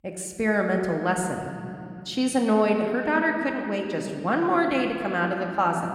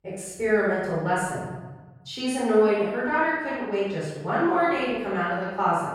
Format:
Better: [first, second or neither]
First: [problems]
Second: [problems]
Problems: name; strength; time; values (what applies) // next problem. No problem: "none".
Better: first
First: room echo; slight; dies away in 2.1 s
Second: room echo; strong; dies away in 1.1 s // off-mic speech; far